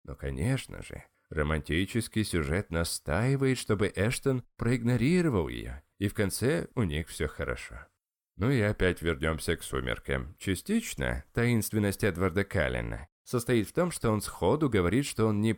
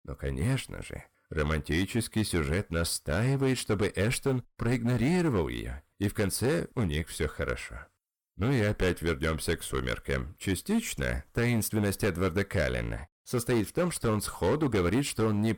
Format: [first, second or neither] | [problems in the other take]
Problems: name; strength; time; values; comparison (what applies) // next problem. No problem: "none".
first | distortion; slight; 9% of the sound clipped